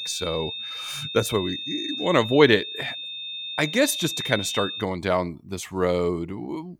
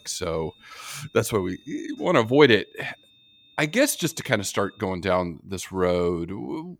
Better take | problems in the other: second | high-pitched whine; loud; until 5 s; 3.5 kHz, 6 dB below the speech; faint in the second

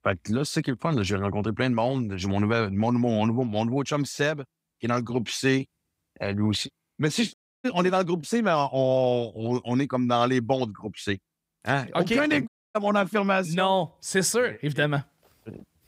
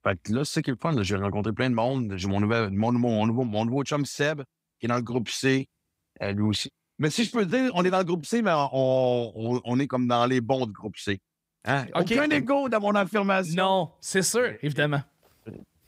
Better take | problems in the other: second | audio cutting out; at 7.5 s and at 12 s

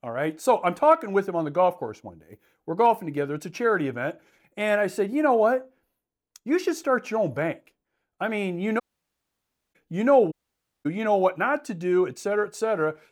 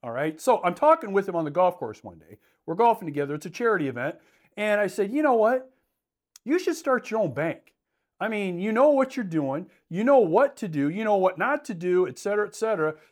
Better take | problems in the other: second | audio cutting out; at 9 s for 1 s and at 10 s for 0.5 s

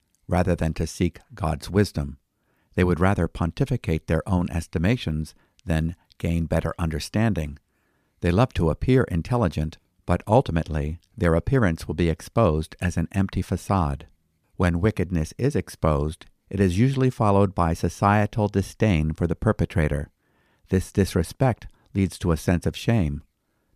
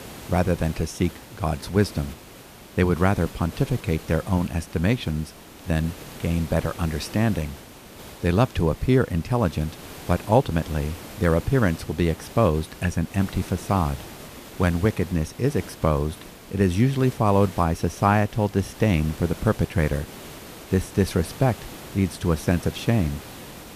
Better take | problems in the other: first | hiss; noticeable; throughout; 15 dB below the speech

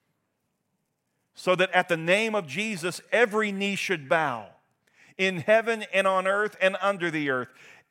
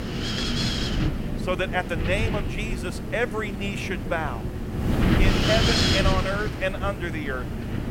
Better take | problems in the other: first | wind noise on the microphone; heavy; 1 dB below the speech

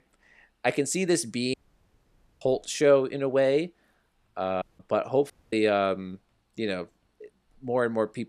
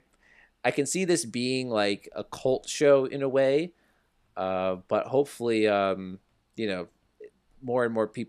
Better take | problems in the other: second | audio cutting out; at 1.5 s for 1 s, at 4.5 s and at 5.5 s

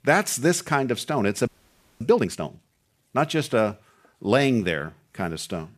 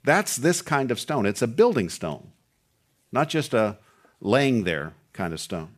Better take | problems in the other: second | audio freezing; at 1.5 s for 0.5 s

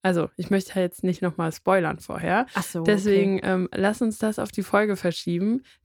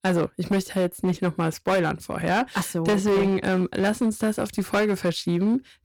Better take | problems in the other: first | distortion; slight; 11% of the sound clipped

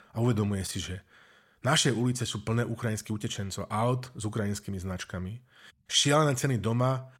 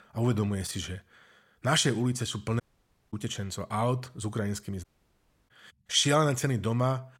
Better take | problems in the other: first | audio cutting out; at 2.5 s for 0.5 s and at 5 s for 0.5 s

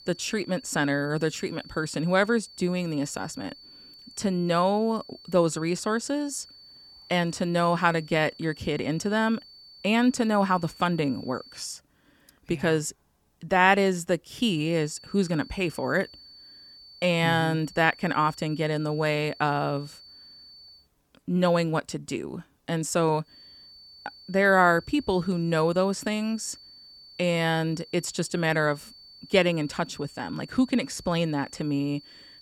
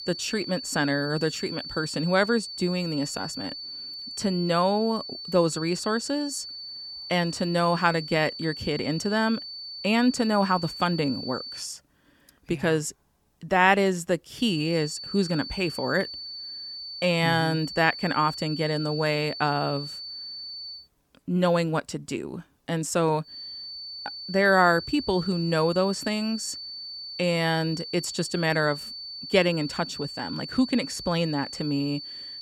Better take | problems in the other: first | high-pitched whine; loud; until 12 s, from 14 to 21 s and from 23 s on; 4.5 kHz, 9 dB below the speech; faint in the first

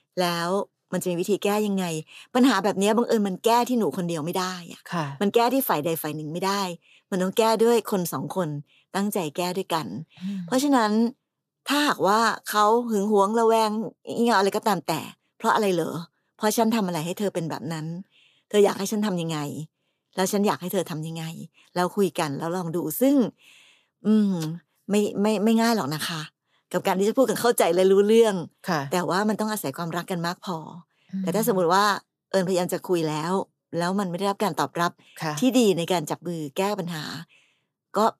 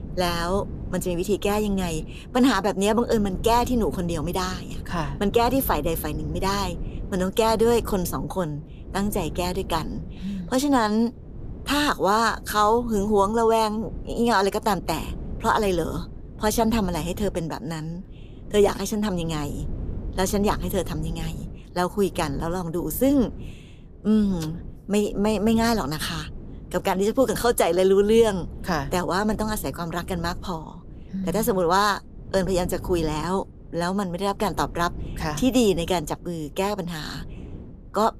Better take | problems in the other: first | wind noise on the microphone; occasional gusts; 20 dB below the speech

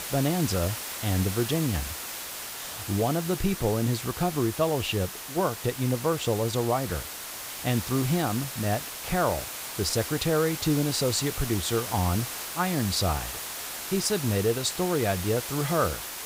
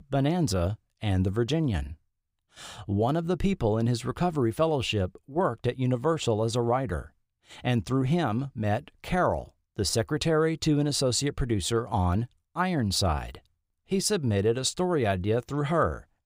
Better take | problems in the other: second | hiss; loud; throughout; 6 dB below the speech

